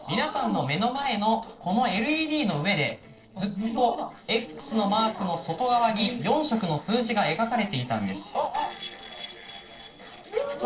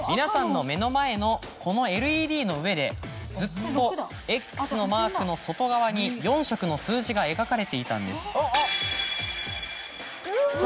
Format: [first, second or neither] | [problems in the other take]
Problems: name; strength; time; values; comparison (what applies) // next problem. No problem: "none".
second | noise reduction (neural separator model SepFormer DNS4)